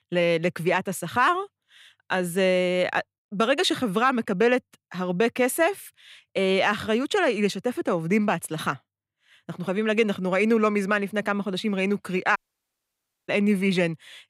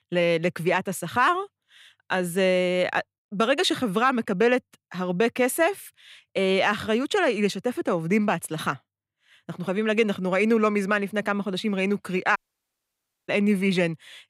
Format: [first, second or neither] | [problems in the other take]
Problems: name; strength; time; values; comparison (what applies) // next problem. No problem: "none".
neither | audio cutting out; at 12 s for 1 s; the same in both